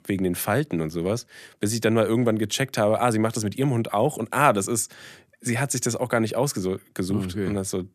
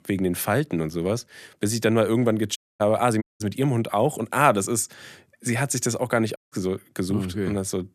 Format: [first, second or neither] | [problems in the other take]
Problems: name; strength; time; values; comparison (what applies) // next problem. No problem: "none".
first | audio cutting out; at 2.5 s, at 3 s and at 6.5 s